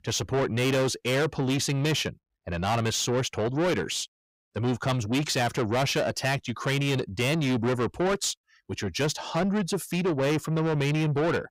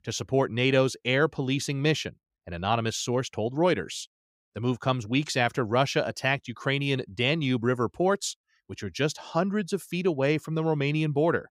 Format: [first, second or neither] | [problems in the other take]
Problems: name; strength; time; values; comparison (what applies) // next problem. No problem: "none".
second | distortion; heavy; 7 dB below the speech